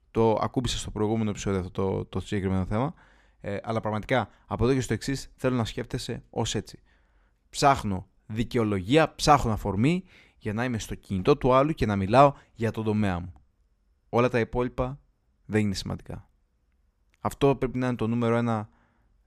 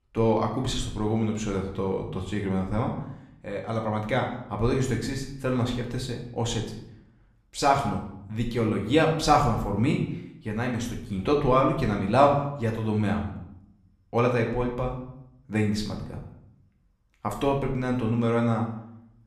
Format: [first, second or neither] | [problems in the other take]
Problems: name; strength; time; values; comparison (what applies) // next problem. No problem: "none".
first | room echo; slight; dies away in 0.6 s // off-mic speech; somewhat distant